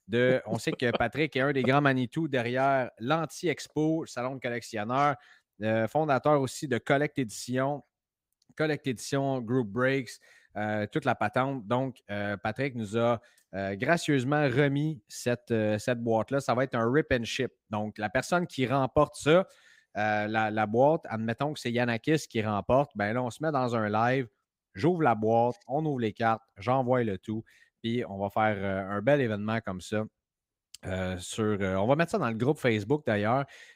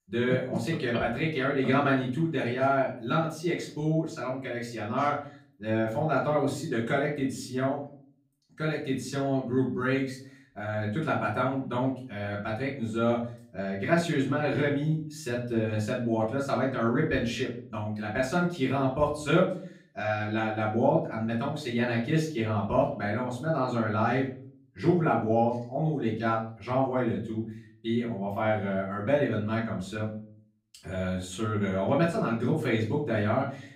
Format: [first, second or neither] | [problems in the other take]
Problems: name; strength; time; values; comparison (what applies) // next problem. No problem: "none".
first | off-mic speech; far // room echo; slight; dies away in 0.4 s